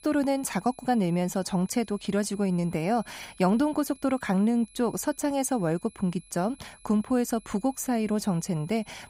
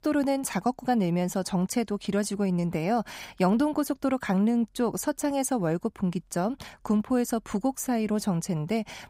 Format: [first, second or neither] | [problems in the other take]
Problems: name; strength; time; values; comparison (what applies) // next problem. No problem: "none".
second | high-pitched whine; faint; throughout; 11 kHz, 25 dB below the speech